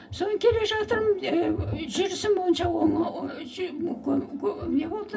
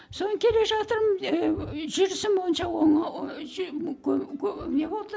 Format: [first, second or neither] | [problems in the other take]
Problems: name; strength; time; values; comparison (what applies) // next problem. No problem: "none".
second | background sound (Thump, thud); 17 dB below the speech // room echo; dies away in 0.4 s